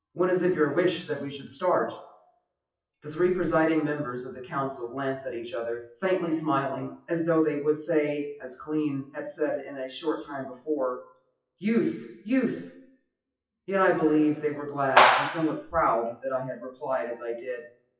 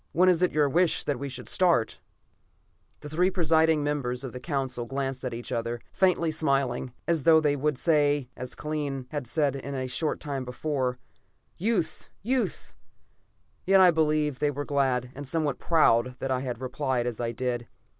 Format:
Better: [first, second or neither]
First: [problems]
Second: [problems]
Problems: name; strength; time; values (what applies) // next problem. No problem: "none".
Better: second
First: noise reduction (classical method WPE with log-MMSE)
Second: none